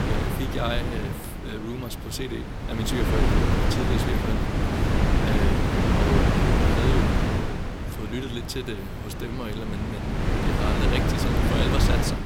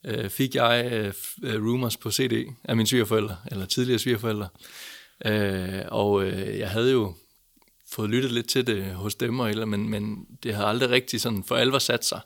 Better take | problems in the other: second | wind noise on the microphone; heavy; 5 dB above the speech

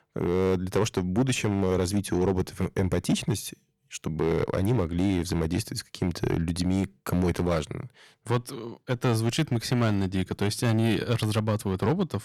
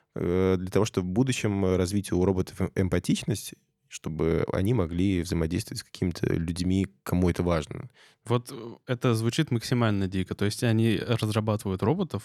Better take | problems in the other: second | distortion; slight; 6% of the sound clipped

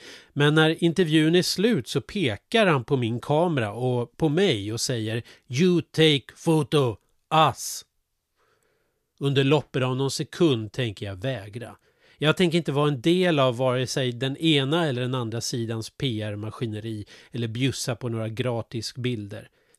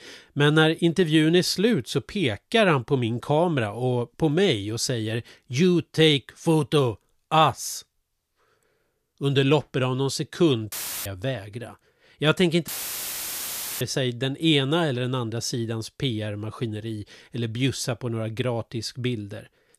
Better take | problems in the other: first | audio cutting out; filled with static; at 11 s and at 13 s for 1 s

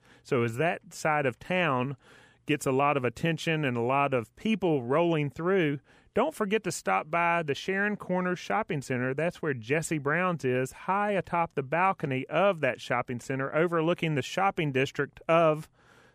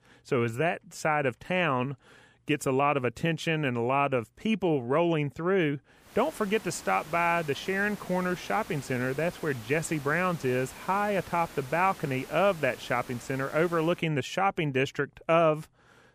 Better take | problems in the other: first | hiss; noticeable; from 6 to 14 s; 20 dB below the speech

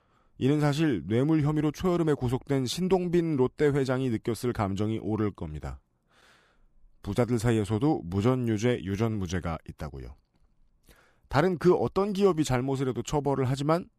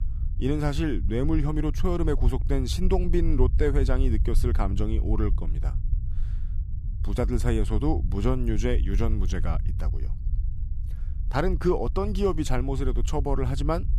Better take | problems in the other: first | low rumble; noticeable; throughout; 15 dB below the speech

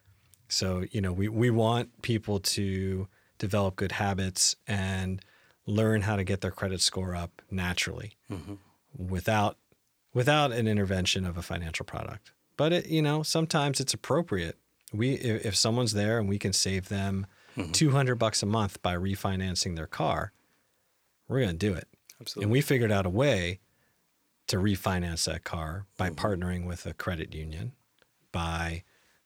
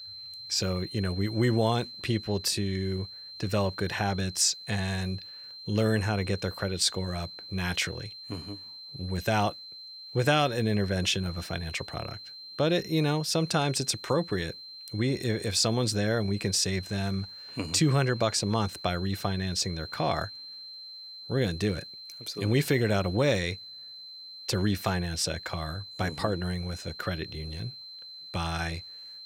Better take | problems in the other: first | high-pitched whine; noticeable; throughout; 4 kHz, 15 dB below the speech

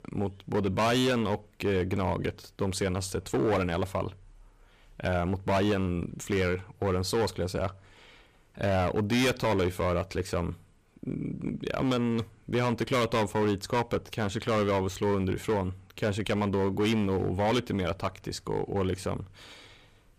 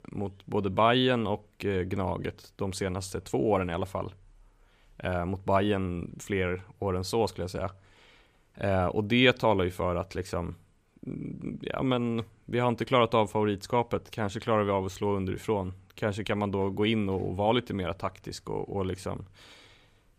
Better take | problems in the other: second | distortion; heavy; 10% of the sound clipped

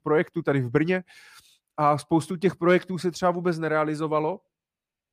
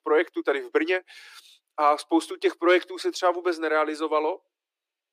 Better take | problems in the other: first | thin; very; fading below 300 Hz

